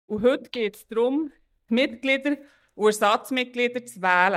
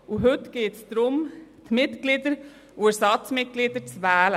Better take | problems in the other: second | noise reduction (neural mask model DeepFilterNet 3)

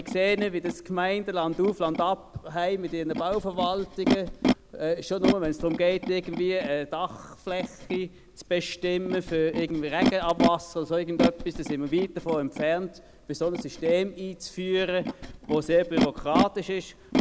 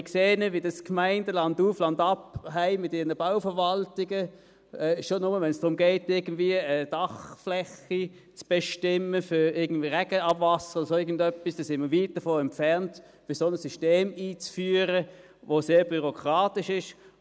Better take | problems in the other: second | background sound (Animal); 4 dB below the speech

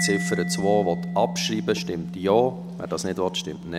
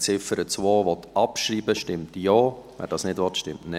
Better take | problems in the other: second | background sound (Mallet percussion); 6 dB below the speech

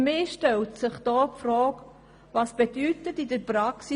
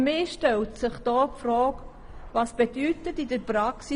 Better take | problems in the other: first | background sound (Fixed-wing aircraft, airplane); 17 dB below the speech

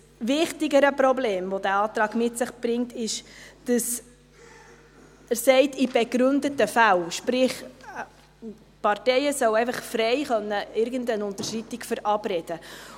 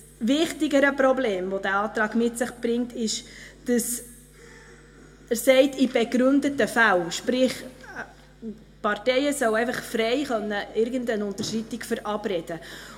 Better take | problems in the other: first | room echo; dies away in 1.1 s

